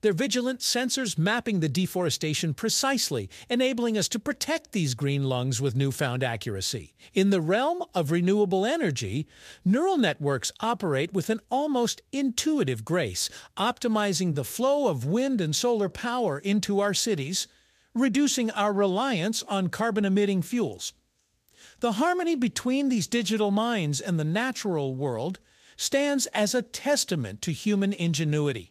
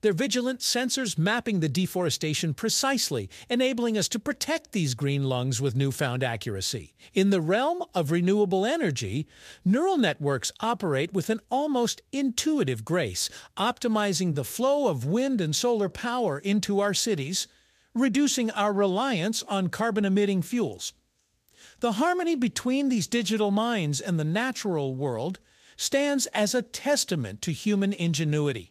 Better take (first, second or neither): neither